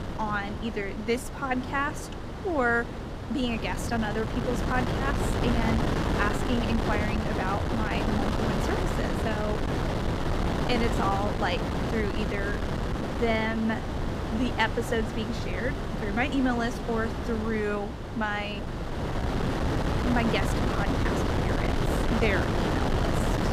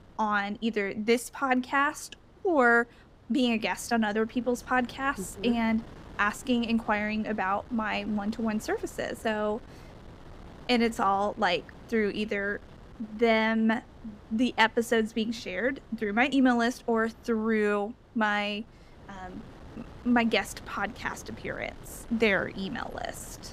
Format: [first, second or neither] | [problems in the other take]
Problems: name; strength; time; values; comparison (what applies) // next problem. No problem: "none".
second | wind noise on the microphone; heavy; 2 dB below the speech; occasional gusts in the second